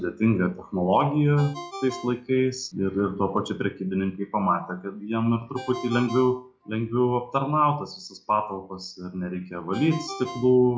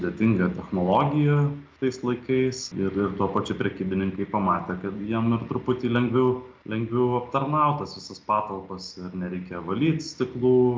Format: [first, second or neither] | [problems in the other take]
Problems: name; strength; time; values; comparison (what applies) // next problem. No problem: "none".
second | noise reduction (classical method log-MMSE)